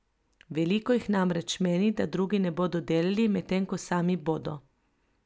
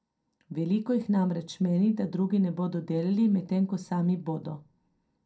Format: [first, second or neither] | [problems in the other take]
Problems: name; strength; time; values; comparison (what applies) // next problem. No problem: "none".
first | room echo; dies away in 0.2 s